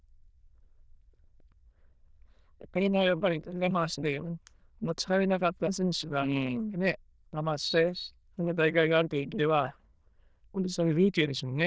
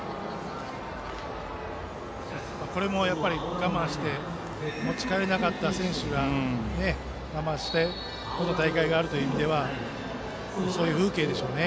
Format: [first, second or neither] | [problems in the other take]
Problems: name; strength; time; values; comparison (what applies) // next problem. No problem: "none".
second | noise reduction (neural diffusion model UNIVERSE++)